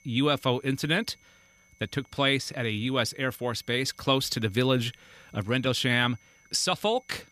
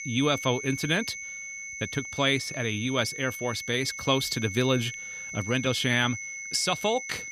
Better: first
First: high-pitched whine; faint; throughout; 2 kHz, 30 dB below the speech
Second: high-pitched whine; loud; throughout; 2 kHz, 8 dB below the speech

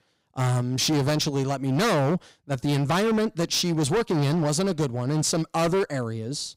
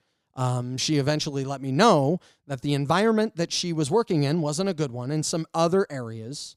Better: second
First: distortion; heavy; 20% of the sound clipped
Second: none

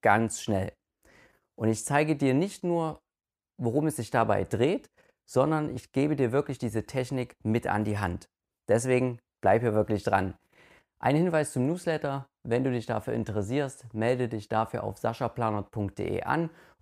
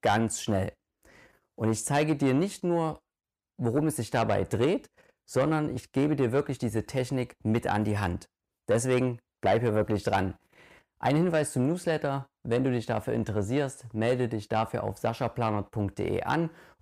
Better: first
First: none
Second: distortion; slight; 10 dB below the speech

